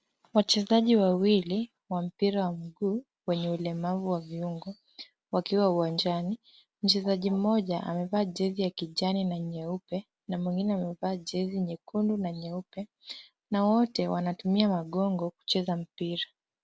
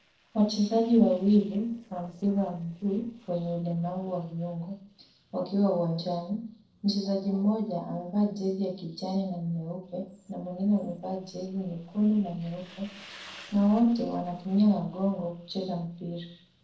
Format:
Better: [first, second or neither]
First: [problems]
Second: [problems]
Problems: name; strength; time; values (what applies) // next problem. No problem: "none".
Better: first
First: none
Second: noise reduction (neural separator model SepFormer DNS4)